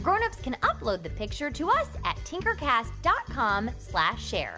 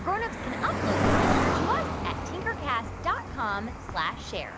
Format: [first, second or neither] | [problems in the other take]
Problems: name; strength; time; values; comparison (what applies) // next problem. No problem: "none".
first | background sound (Cricket); 3 dB above the speech